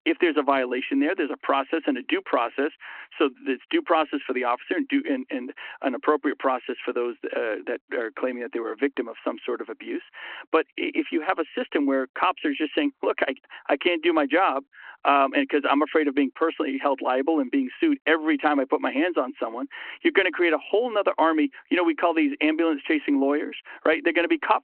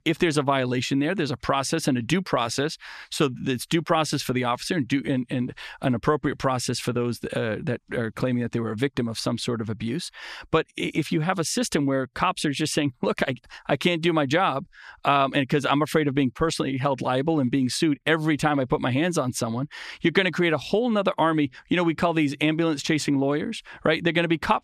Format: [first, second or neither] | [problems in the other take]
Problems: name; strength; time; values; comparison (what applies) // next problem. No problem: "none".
second | phone-call audio